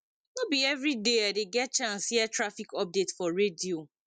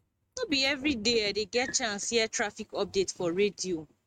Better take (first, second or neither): first